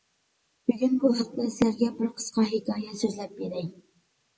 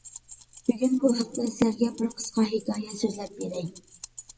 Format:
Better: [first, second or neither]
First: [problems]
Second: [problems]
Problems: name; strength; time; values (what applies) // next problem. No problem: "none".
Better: first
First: none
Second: background sound (Keys jangling); 18 dB below the speech